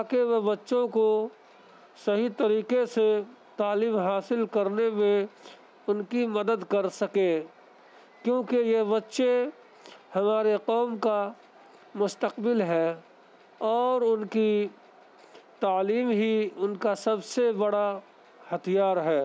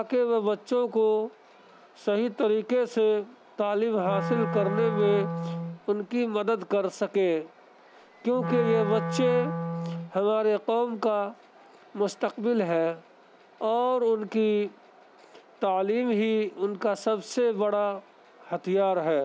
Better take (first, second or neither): first